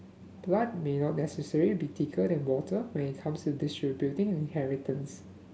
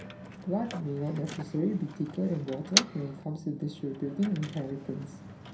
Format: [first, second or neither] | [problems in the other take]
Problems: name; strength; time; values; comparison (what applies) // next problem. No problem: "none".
first | background sound (Motor vehicle (road)); 5 dB below the speech // room echo; dies away in 0.3 s